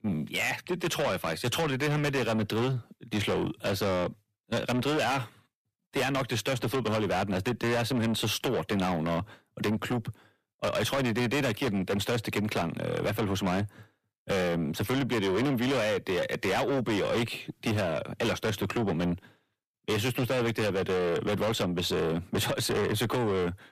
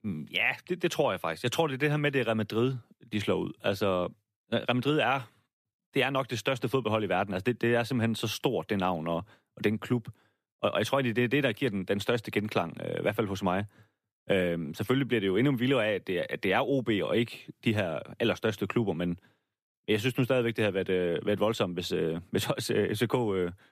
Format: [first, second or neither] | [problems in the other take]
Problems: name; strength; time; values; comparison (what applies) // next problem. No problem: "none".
second | distortion; heavy; 6 dB below the speech